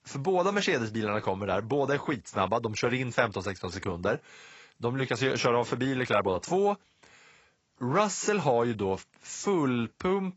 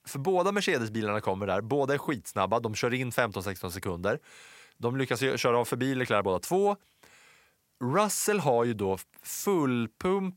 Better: second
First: garbled, watery; badly; nothing above 7.5 kHz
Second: none

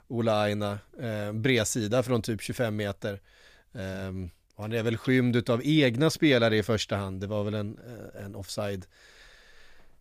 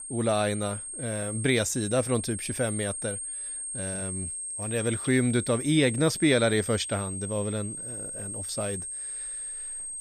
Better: first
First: none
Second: high-pitched whine; loud; throughout; 8.5 kHz, 6 dB below the speech

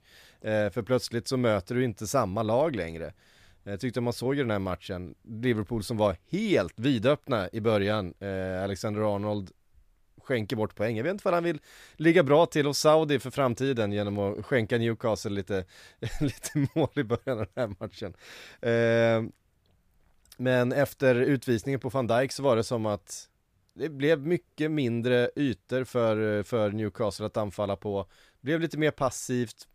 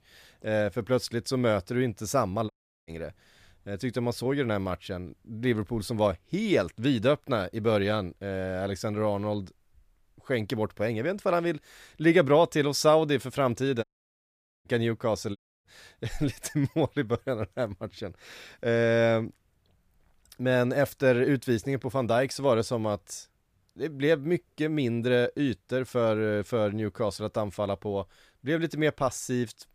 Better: first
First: none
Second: audio cutting out; at 2.5 s, at 14 s for 1 s and at 15 s

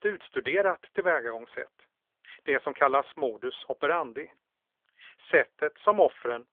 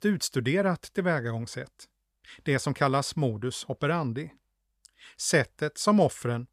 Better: second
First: phone-call audio; nothing above 3.5 kHz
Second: none

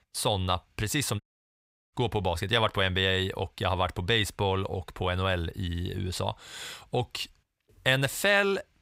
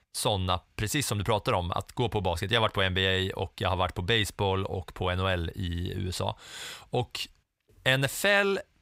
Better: second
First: audio cutting out; at 1 s for 0.5 s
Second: none

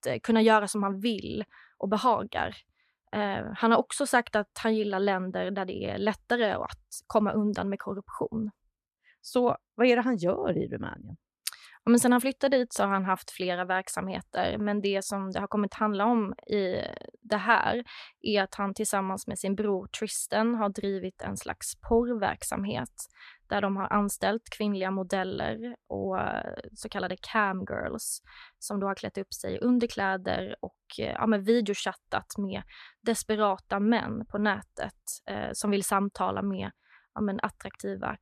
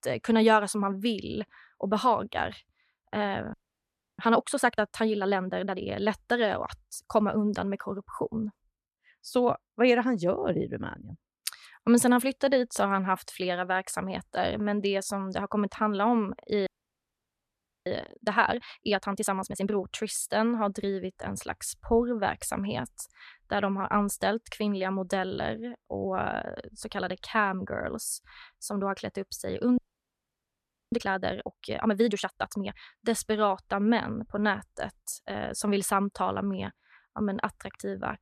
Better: first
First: none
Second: audio freezing; at 3.5 s for 0.5 s, at 17 s for 1 s and at 30 s for 1 s

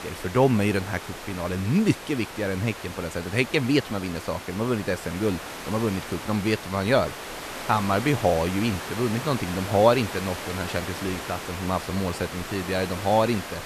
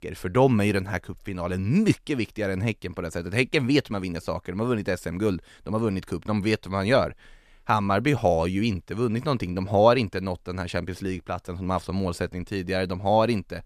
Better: second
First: hiss; loud; throughout; 9 dB below the speech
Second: none

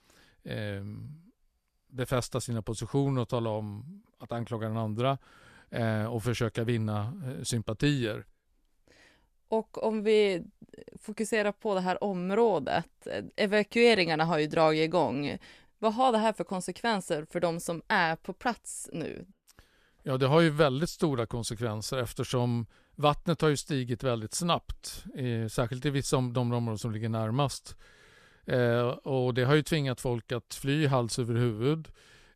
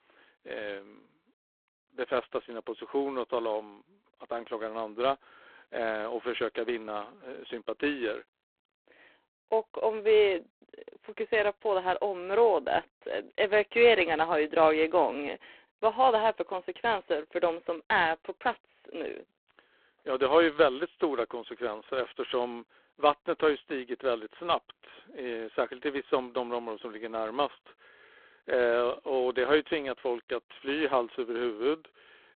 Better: first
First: none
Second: phone-call audio; poor line

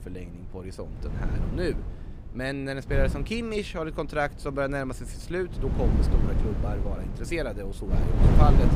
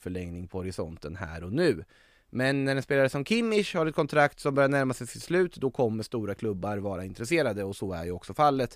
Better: second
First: wind noise on the microphone; heavy; 5 dB below the speech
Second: none

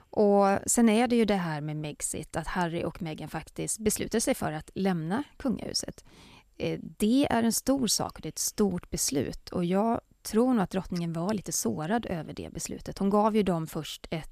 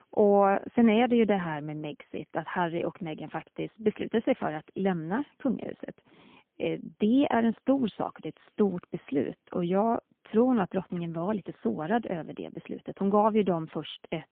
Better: first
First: none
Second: phone-call audio; poor line; nothing above 3 kHz

